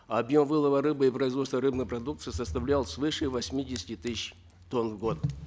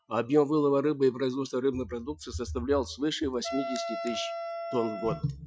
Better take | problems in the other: first | noise reduction (classical method Wiener filter)

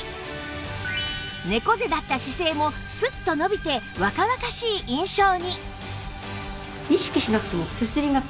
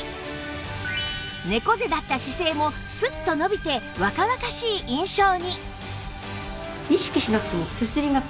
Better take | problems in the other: first | background sound (Brass instrument); 18 dB below the speech

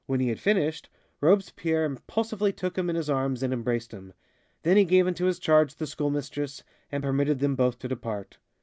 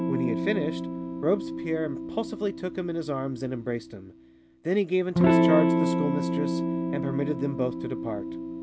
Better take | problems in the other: first | background sound (Electric guitar / Strum); 2 dB above the speech

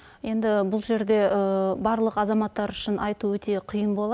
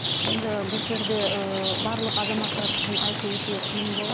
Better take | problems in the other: first | background sound (Rain); 2 dB above the speech

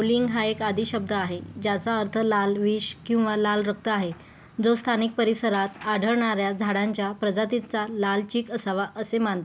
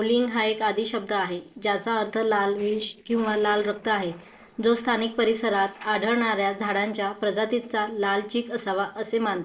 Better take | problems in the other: first | noise reduction (neural separator model SepFormer DNS4)

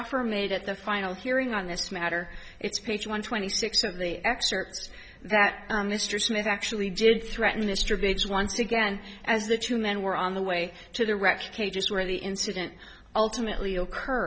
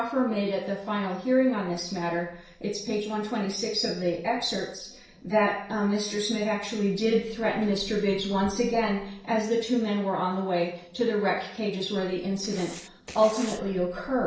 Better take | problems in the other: first | noise reduction (neural separator model SepFormer DNS4)

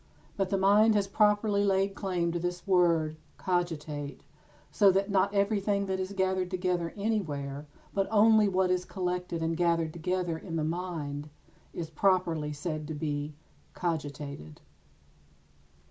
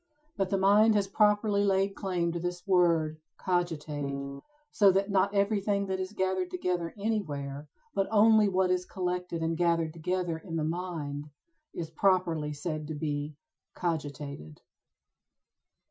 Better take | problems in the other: first | noise reduction (classical method Wiener filter)

